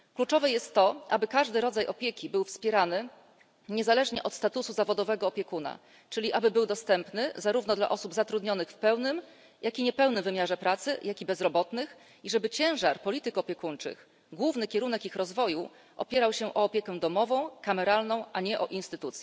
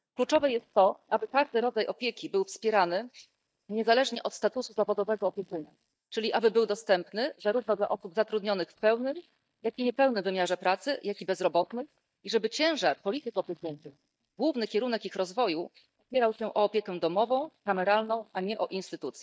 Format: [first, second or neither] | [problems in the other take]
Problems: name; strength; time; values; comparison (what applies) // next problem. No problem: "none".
first | noise reduction (neural mask model DeepFilterNet 3)